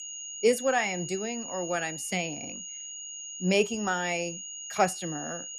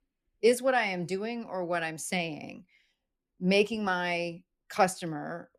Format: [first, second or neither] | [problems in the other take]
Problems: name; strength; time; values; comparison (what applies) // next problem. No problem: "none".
second | high-pitched whine; loud; throughout; 6.5 kHz, 8 dB below the speech